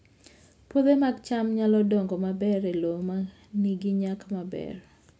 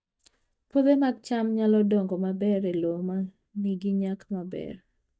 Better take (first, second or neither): first